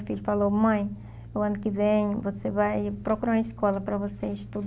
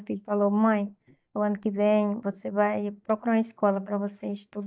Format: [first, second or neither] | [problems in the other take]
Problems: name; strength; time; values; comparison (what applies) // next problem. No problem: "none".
first | noise reduction (neural mask model DeepFilterNet 3)